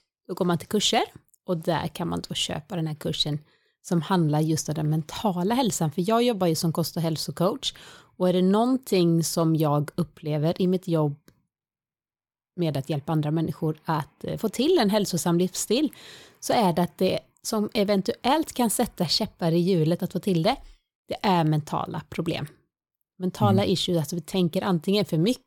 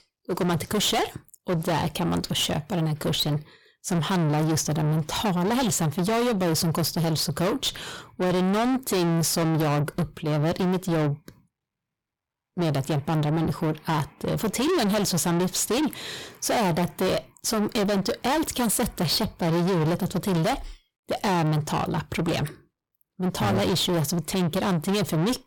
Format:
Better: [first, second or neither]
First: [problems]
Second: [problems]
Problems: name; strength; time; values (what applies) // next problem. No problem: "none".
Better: first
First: none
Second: distortion; heavy; 6 dB below the speech